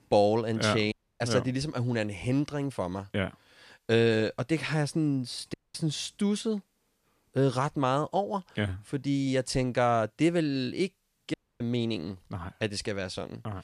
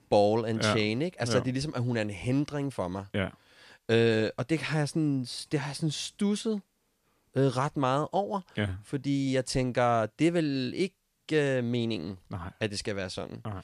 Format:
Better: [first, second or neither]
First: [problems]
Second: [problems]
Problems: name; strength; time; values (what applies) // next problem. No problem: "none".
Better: second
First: audio cutting out; at 1 s, at 5.5 s and at 11 s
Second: none